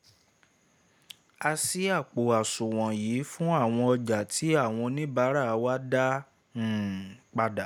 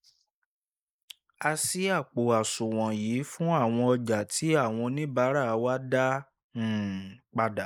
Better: first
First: none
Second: noise reduction (neural mask model Resemble Enhance denoiser)

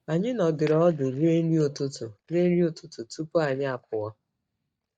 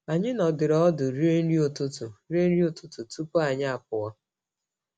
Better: second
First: noise reduction (neural mask model DeepFilterNet 3)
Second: none

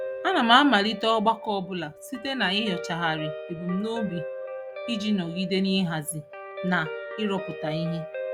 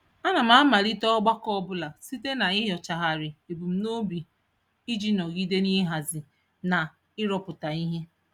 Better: second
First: background sound (Guitar); 10 dB below the speech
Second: none

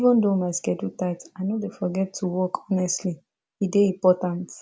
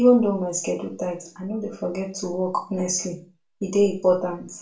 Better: first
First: none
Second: room echo; dies away in 0.3 s

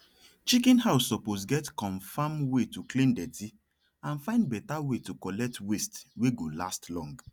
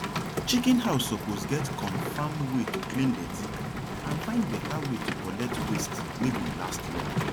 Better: first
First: none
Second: background sound (Rain); 2 dB below the speech

